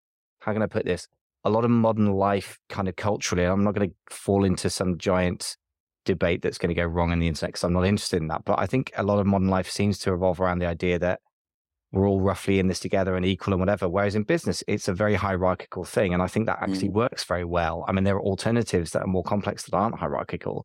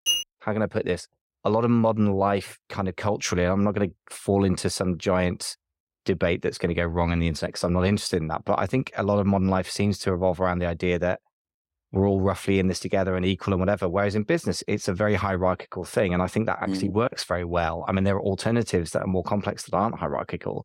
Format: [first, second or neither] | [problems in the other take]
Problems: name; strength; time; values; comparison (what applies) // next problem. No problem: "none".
first | clattering dishes; loud; at the start; peak 1 dB above the speech